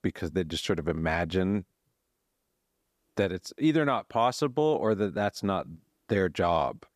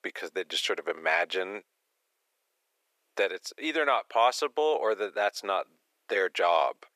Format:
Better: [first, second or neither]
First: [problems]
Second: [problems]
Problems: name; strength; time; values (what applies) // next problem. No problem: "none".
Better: first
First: none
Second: thin; very; fading below 450 Hz